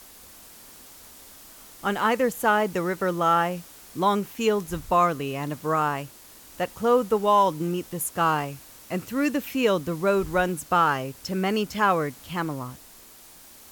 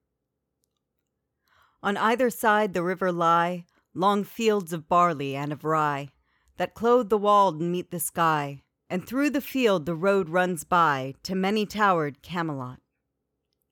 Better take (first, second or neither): second